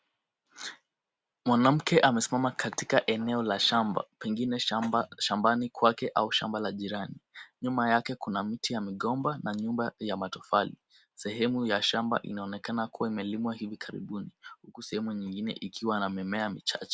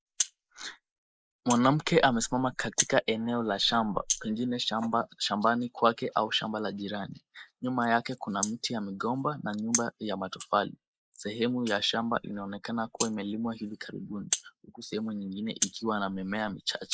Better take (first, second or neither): first